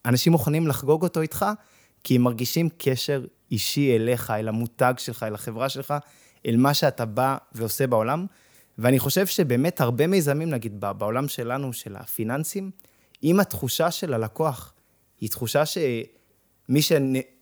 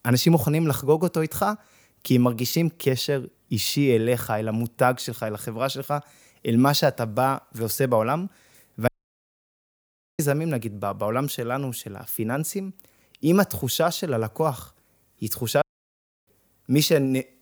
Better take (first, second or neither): first